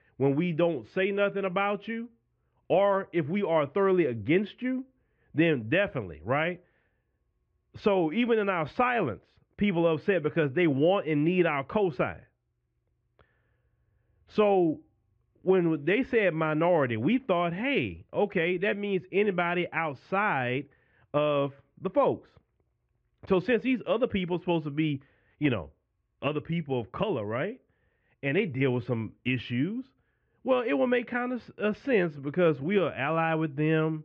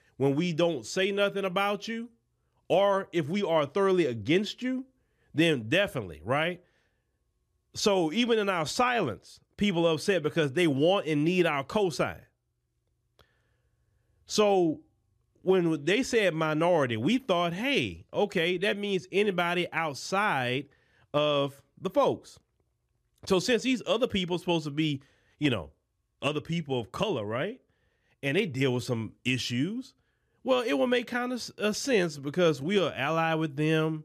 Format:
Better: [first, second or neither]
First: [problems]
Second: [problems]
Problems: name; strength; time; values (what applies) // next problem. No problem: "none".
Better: second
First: muffled; very; fading above 2.5 kHz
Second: none